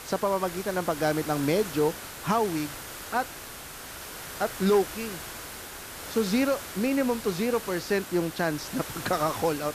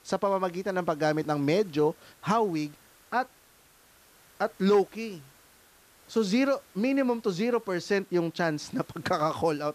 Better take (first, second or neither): second